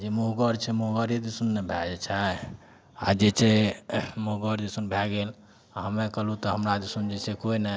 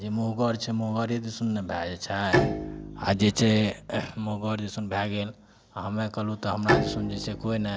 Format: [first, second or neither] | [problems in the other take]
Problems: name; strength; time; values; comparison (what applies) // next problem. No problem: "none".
first | background sound (Bowed string instrument); 5 dB below the speech